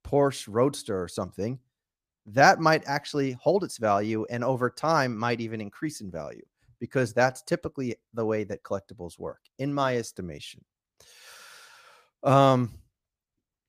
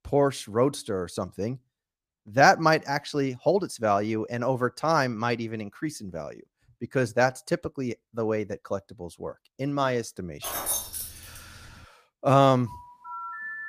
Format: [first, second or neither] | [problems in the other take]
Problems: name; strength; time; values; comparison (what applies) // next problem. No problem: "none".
first | jangling keys; noticeable; from 10 to 12 s; peak 1 dB below the speech // phone ringing; noticeable; from 13 s on; peak 9 dB below the speech